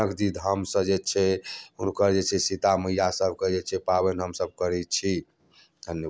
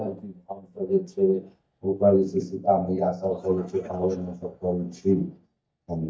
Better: first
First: none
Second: noise reduction (neural mask model DeepFilterNet 3)

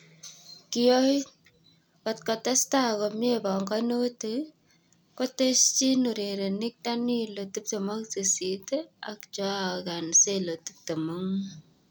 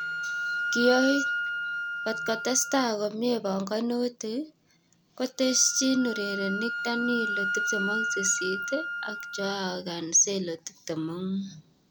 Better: first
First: none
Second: background sound (Wind instrument, woodwind instrument); 5 dB below the speech

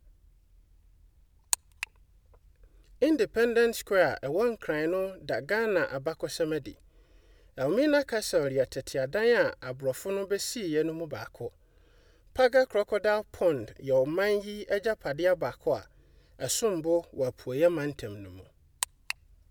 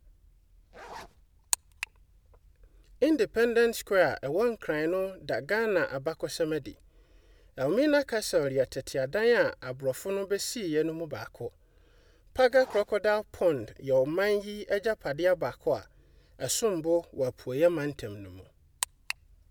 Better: first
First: none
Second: background sound (Zipper (clothing)); 17 dB below the speech

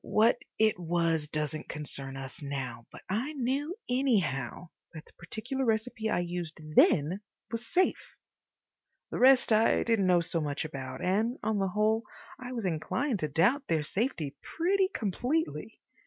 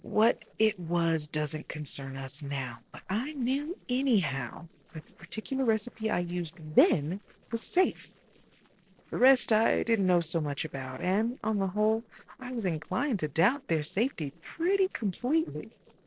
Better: first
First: none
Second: noise reduction (neural separator model SepFormer DNS4)

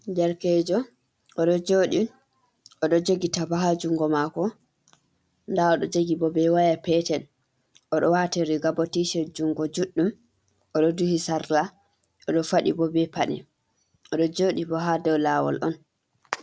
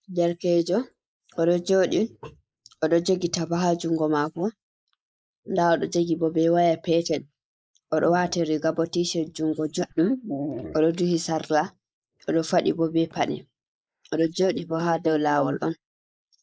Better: first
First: none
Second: noise reduction (neural mask model Resemble Enhance denoiser)

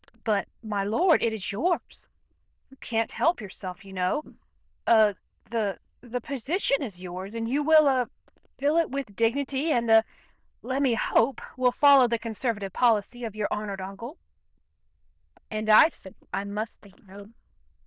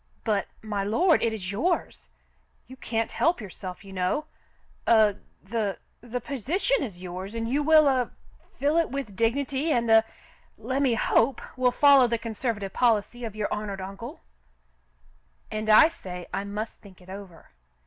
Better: second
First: noise reduction (neural diffusion model UNIVERSE++)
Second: none

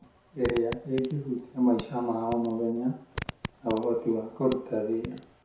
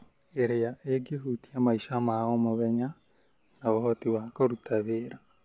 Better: second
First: background sound (Fart); 13 dB below the speech // room echo; dies away in 0.6 s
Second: none

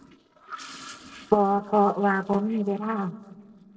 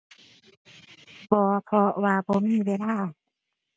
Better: second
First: noise reduction (neural separator model SepFormer DNS4)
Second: none

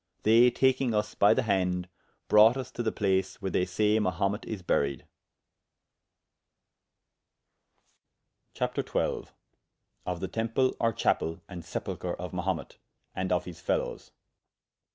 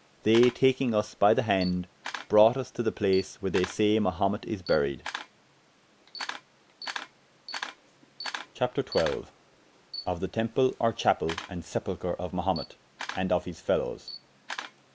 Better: first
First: none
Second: background sound (Camera); 14 dB below the speech

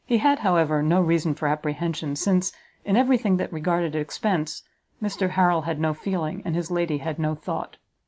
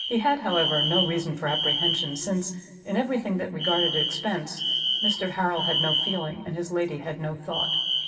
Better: first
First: none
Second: background sound (Alarm); 1 dB below the speech // room echo; dies away in 1.8 s

